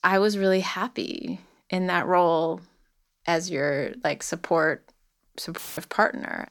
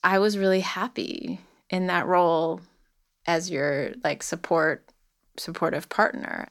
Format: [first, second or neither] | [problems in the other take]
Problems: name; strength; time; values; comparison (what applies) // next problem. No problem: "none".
second | audio cutting out; filled with static; at 5.5 s